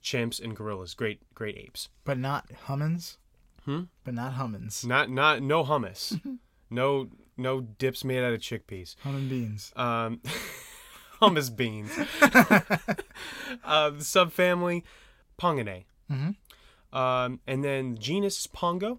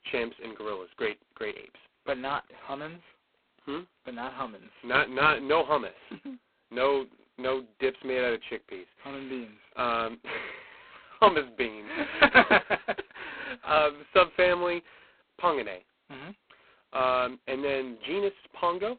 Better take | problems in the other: first | phone-call audio; poor line; nothing above 4 kHz

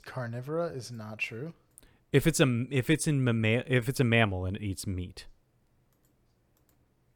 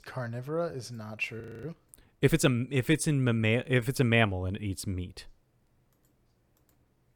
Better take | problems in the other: first | audio freezing; at 1.5 s

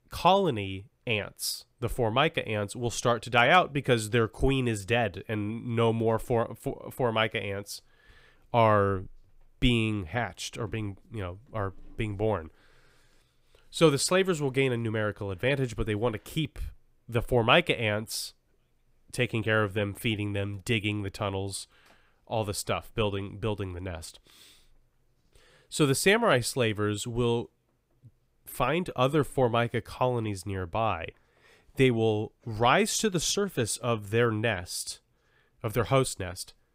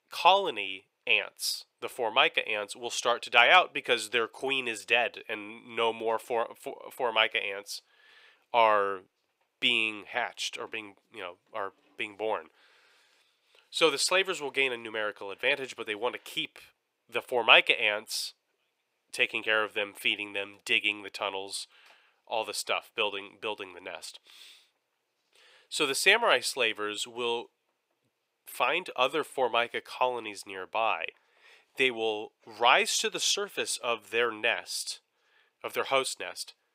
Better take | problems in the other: first | thin; very; fading below 500 Hz

